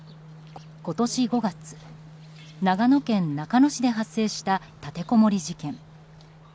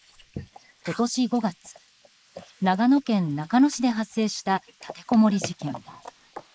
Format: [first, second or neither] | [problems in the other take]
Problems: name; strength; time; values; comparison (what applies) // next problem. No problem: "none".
first | noise reduction (neural mask model Resemble Enhance denoiser)